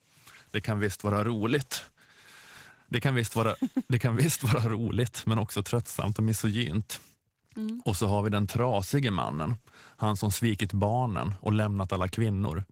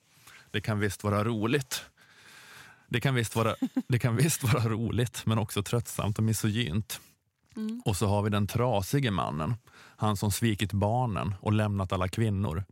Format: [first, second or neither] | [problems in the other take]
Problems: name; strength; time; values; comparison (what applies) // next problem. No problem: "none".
second | garbled, watery; slightly; nothing above 16 kHz